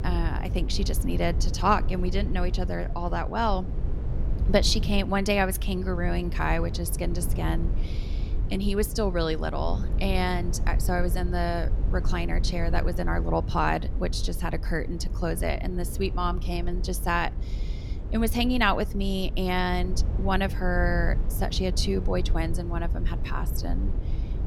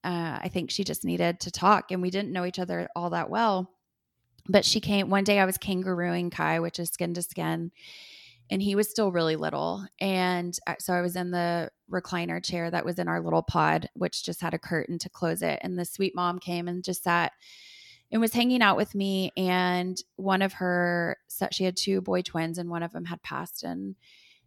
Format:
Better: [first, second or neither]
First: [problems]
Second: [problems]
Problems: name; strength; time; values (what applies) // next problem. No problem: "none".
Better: second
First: low rumble; noticeable; throughout; 15 dB below the speech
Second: none